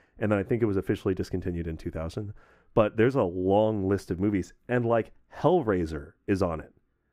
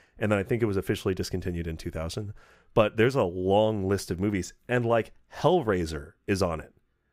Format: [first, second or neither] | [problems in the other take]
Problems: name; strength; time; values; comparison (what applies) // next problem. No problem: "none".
second | muffled; slightly; fading above 2.5 kHz